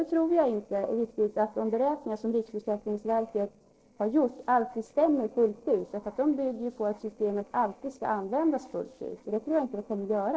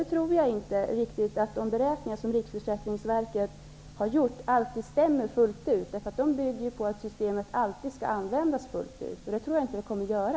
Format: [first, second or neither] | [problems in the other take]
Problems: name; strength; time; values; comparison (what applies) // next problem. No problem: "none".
second | noise reduction (neural separator model SepFormer DNS4)